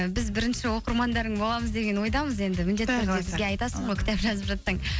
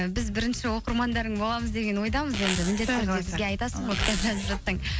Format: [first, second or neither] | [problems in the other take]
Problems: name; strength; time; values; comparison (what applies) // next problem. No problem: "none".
first | background sound (Zipper (clothing)); 5 dB below the speech